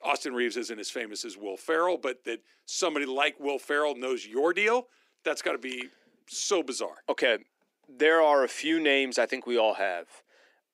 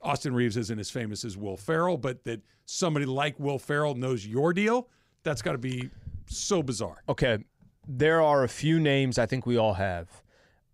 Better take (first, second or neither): second